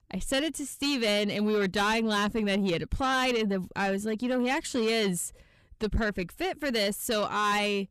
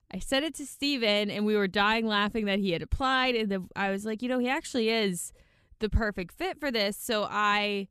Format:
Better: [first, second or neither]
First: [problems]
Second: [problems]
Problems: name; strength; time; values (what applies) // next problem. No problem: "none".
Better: second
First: distortion; slight; 10 dB below the speech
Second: none